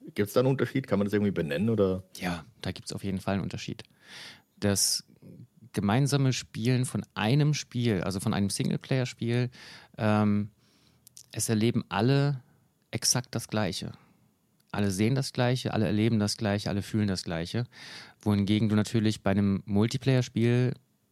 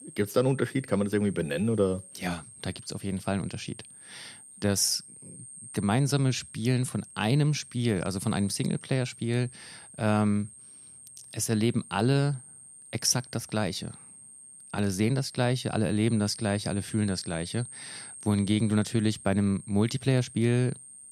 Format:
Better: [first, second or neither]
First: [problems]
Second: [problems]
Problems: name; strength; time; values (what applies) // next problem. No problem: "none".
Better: first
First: none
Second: high-pitched whine; noticeable; throughout; 8.5 kHz, 15 dB below the speech